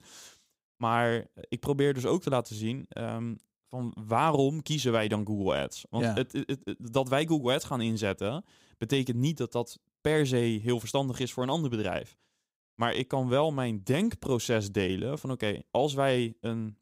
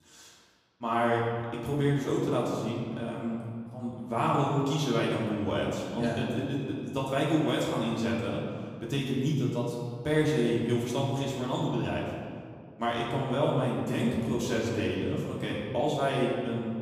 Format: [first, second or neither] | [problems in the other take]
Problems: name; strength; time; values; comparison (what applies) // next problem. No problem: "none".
first | room echo; noticeable; dies away in 1.8 s // off-mic speech; far